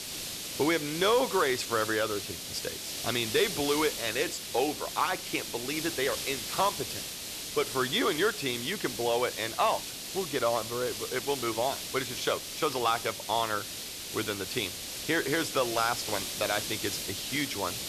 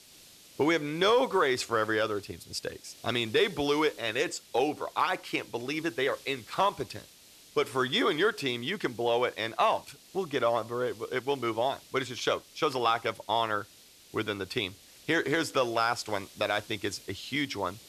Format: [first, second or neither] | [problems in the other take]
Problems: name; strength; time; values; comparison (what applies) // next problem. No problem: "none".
second | hiss; loud; throughout; 5 dB below the speech; faint in the second